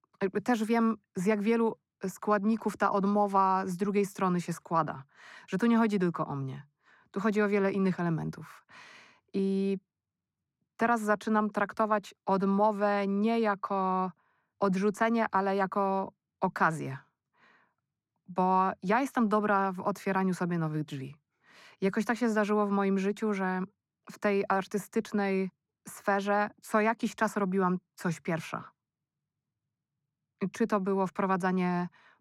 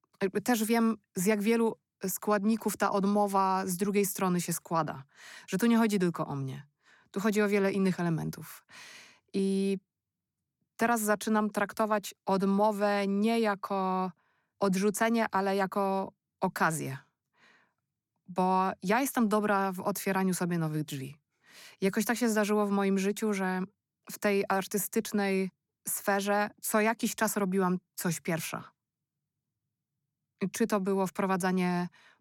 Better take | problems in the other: second | muffled; slightly; fading above 2.5 kHz

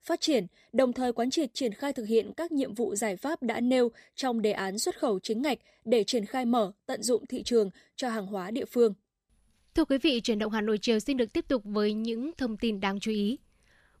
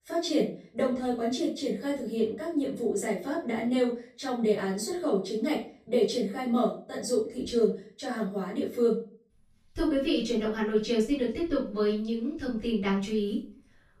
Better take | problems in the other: first | off-mic speech; far // room echo; slight; dies away in 0.3 s

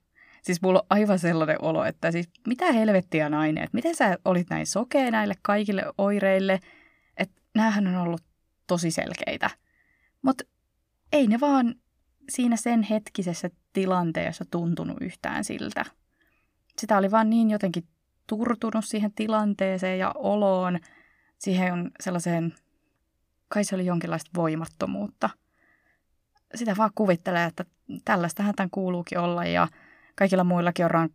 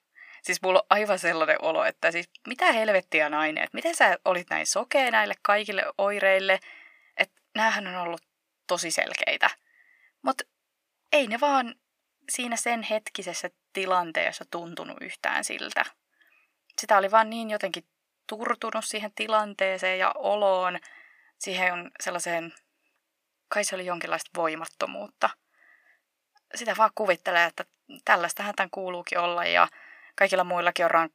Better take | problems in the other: first | thin; very; fading below 600 Hz

